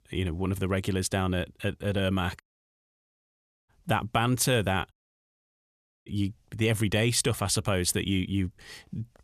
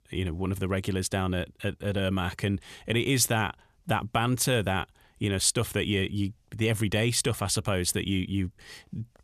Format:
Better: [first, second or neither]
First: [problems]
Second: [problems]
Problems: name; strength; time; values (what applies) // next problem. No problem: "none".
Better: second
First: audio cutting out; at 2.5 s for 1.5 s and at 5 s for 1 s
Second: none